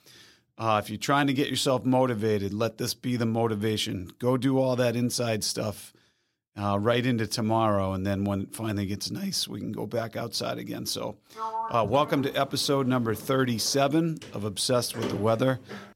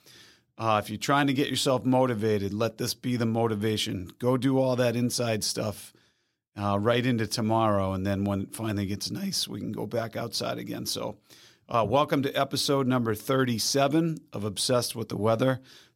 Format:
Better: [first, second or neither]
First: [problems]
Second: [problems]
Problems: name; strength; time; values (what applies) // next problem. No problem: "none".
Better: second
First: door banging; noticeable; from 11 s on; peak 5 dB below the speech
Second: none